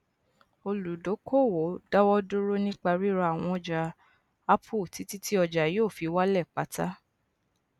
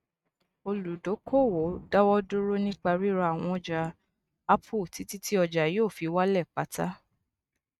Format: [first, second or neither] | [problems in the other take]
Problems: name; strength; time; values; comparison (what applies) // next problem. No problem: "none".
first | noise reduction (neural mask model RNNoise)